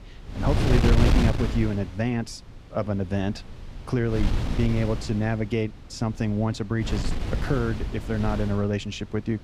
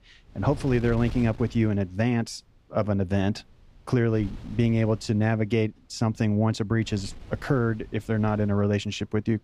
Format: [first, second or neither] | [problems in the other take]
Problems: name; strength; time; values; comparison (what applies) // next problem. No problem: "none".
second | wind noise on the microphone; heavy; 3 dB below the speech; occasional gusts in the second